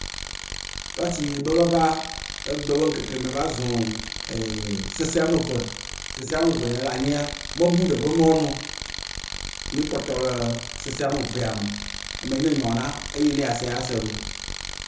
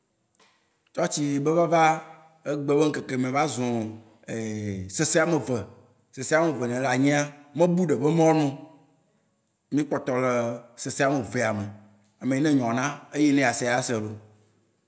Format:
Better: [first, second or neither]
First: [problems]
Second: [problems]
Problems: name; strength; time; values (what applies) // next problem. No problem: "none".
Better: second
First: background sound (Tools); 8 dB below the speech // room echo; dies away in 0.6 s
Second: none